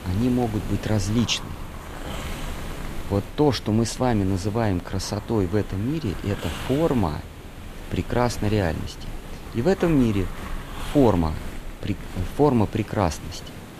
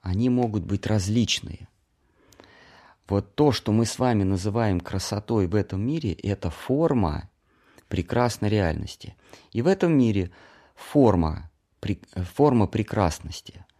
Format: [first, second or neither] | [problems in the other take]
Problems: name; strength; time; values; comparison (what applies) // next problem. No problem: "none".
second | hiss; noticeable; throughout; 15 dB below the speech